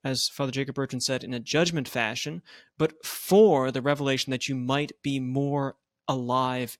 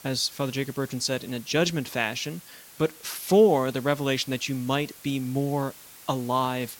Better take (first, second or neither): first